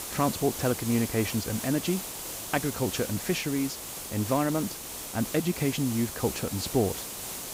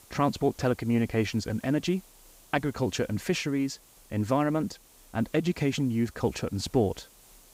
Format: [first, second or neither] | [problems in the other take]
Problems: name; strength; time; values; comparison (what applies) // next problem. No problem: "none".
second | hiss; loud; throughout; 6 dB below the speech; faint in the second